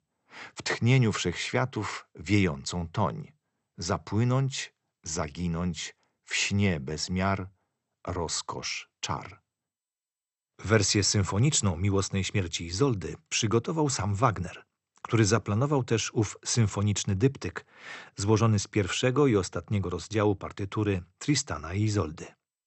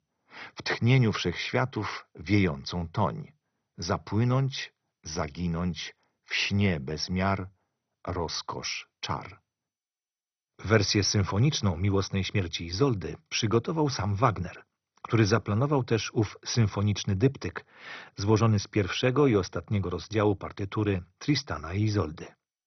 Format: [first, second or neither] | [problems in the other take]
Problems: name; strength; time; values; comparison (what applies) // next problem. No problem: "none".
first | garbled, watery; badly; nothing above 6 kHz; slightly in the first